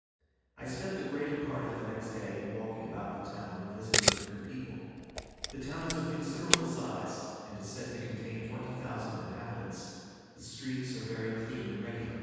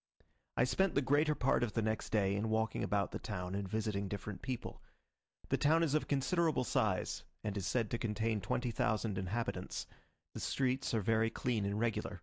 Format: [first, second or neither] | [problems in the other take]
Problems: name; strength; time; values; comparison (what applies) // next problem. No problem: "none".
second | background sound (Camera); 4 dB above the speech // room echo; dies away in 2.1 s